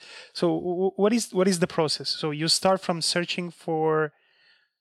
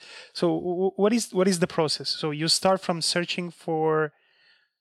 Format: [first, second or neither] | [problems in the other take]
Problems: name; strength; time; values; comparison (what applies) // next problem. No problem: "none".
neither | none